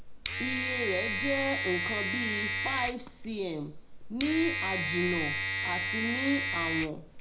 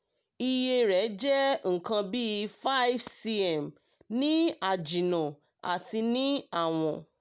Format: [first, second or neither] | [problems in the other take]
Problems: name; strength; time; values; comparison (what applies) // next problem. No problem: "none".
second | background sound (Domestic sounds, home sounds); 1 dB above the speech // room echo; dies away in 0.4 s